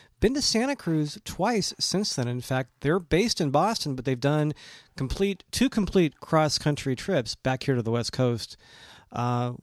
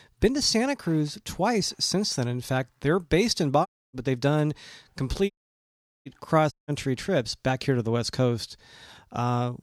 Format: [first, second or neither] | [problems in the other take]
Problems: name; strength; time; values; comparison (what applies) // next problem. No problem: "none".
first | audio cutting out; at 3.5 s, at 5.5 s for 1 s and at 6.5 s